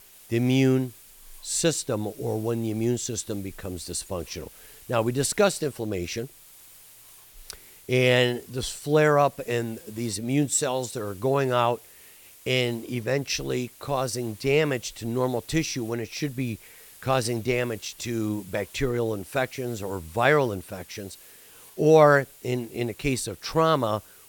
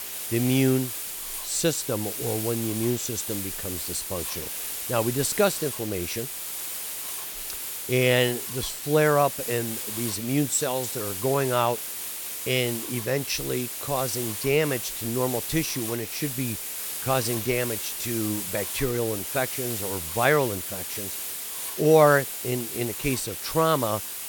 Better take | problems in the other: first | hiss; loud; throughout; 4 dB below the speech; faint in the first

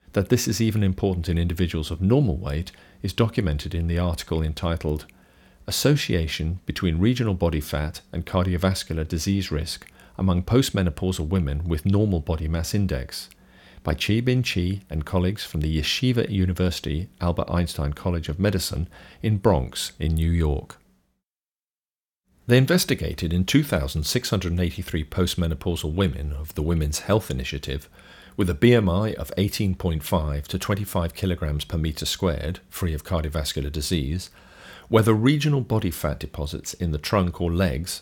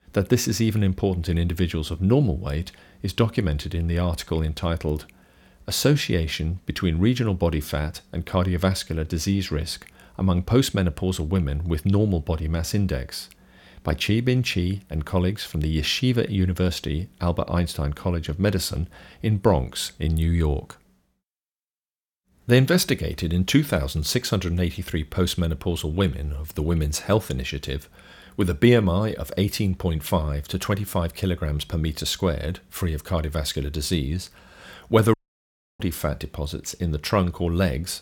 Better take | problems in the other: first | audio cutting out; at 35 s for 0.5 s

